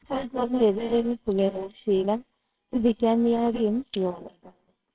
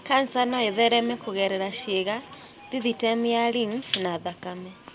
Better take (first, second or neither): second